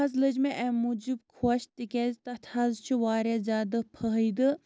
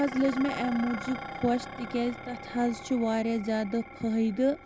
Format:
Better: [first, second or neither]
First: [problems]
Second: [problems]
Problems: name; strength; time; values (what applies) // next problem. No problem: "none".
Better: first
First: none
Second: background sound (Dishes, pots, and pans); 12 dB below the speech